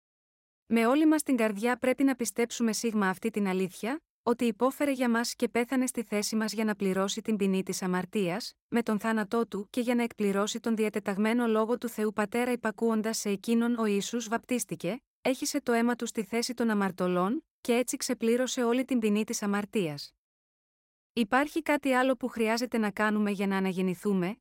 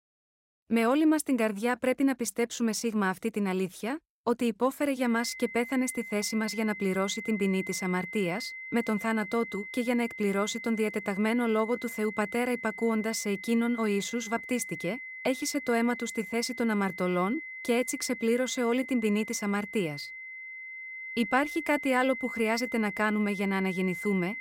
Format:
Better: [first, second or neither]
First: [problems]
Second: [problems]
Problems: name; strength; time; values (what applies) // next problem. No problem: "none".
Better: first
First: none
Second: high-pitched whine; loud; from 5 s on; 2 kHz, 10 dB below the speech